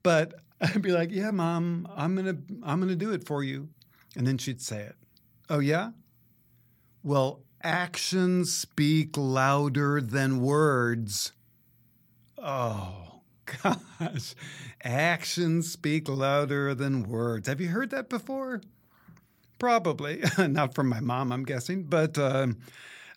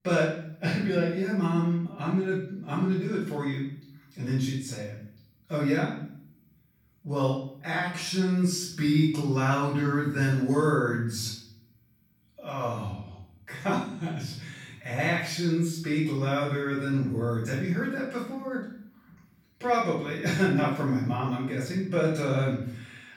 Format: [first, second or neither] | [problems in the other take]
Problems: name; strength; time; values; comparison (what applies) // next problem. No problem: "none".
first | off-mic speech; far // room echo; noticeable; dies away in 0.6 s